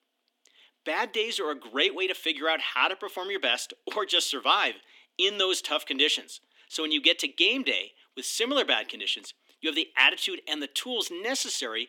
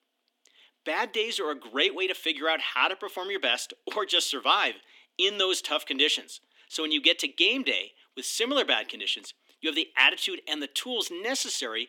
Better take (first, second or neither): neither